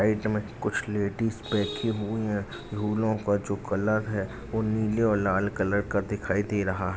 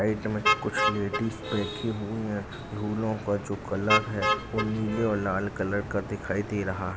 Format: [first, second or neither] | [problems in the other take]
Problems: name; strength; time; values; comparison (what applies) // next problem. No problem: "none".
first | background sound (Motor vehicle (road)); 3 dB below the speech